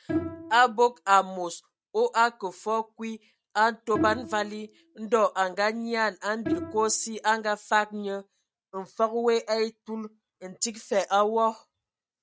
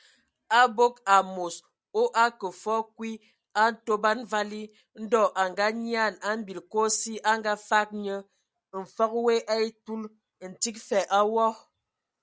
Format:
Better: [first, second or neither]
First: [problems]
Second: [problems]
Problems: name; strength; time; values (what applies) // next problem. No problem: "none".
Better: second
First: noise reduction (neural mask model RNNoise)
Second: none